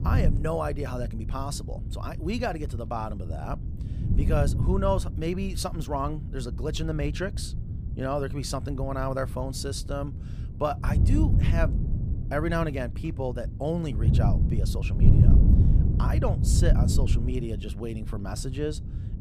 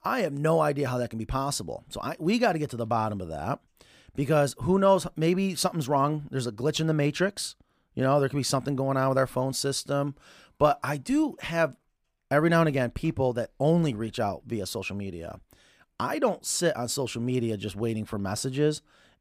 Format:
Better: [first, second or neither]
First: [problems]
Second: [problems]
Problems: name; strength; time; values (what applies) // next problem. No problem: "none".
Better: second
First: wind noise on the microphone; heavy; 8 dB below the speech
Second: none